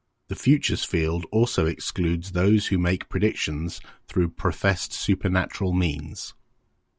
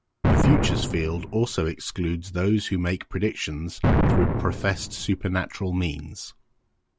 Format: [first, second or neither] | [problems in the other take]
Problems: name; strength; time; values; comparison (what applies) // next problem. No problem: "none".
first | background sound (Explosion); 2 dB above the speech